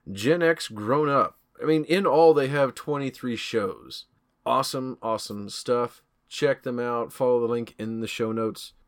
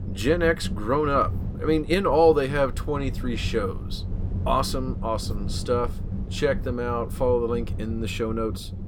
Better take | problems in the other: first | low rumble; noticeable; throughout; 20 dB below the speech

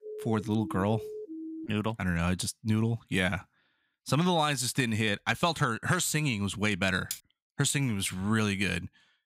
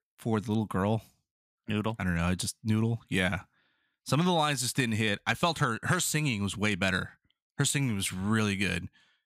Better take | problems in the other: second | siren; faint; until 1.5 s; peak 10 dB below the speech // clattering dishes; noticeable; at 7 s; peak 10 dB below the speech

